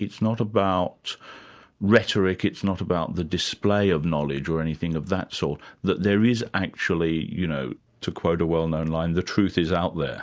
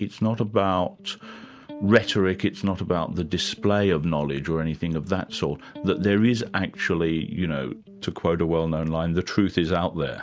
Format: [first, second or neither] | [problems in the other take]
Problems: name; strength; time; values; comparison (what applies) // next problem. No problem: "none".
first | background sound (Electric guitar); 19 dB below the speech